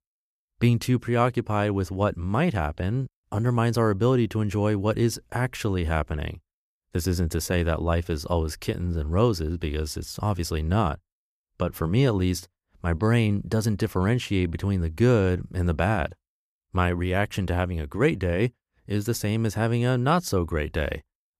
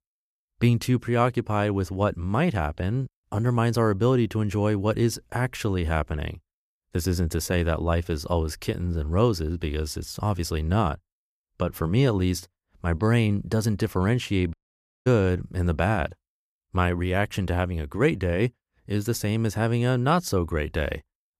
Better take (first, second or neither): first